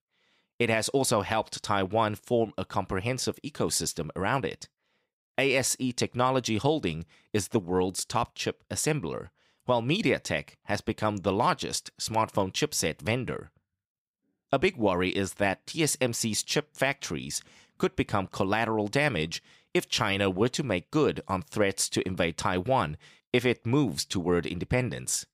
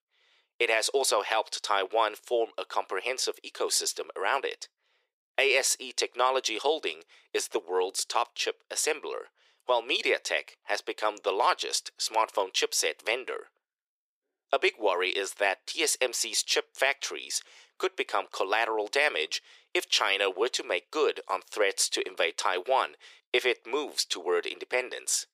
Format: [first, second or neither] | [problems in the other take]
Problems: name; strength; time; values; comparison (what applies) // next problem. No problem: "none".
first | thin; very; fading below 400 Hz